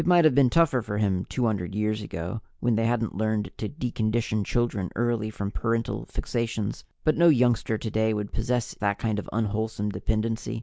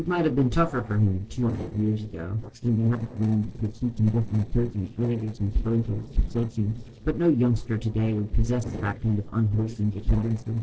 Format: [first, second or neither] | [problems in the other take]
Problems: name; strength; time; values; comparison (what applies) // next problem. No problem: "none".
first | noise reduction (neural separator model SepFormer DNS4)